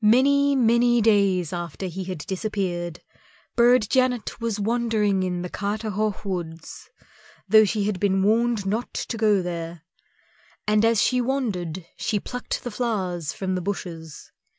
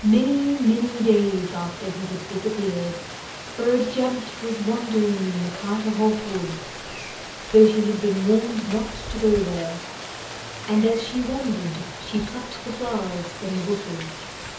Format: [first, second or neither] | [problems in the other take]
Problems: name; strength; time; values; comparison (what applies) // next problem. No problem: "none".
first | background sound (Rain); 12 dB below the speech // room echo; dies away in 0.7 s